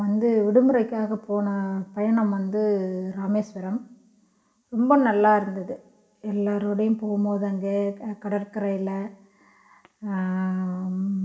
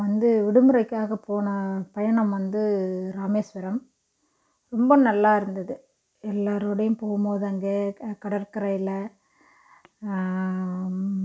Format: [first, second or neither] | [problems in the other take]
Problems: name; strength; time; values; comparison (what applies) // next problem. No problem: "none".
second | room echo; dies away in 0.7 s